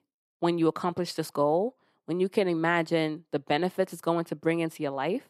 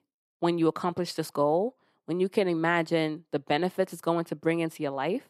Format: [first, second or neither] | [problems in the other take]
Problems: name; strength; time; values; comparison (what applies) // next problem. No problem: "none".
neither | none